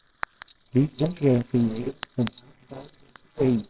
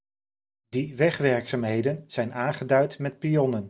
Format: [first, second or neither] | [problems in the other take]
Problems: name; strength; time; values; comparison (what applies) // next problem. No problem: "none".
second | noise reduction (neural separator model SepFormer WHAMR!)